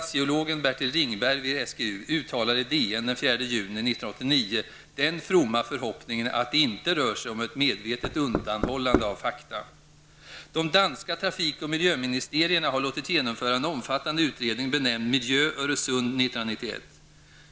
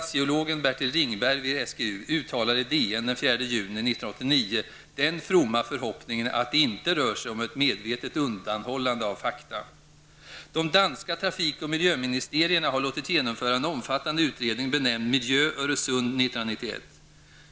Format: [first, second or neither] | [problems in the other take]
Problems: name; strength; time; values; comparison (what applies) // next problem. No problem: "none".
second | background sound (Knock); 2 dB below the speech